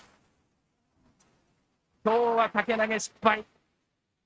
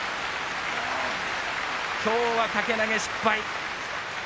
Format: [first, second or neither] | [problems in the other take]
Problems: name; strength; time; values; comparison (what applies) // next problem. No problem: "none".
second | noise reduction (neural mask model RNNoise)